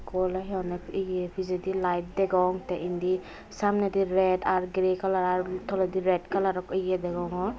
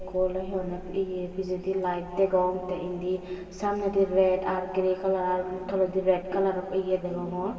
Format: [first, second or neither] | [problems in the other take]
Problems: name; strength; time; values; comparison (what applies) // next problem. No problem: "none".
first | room echo; dies away in 2.2 s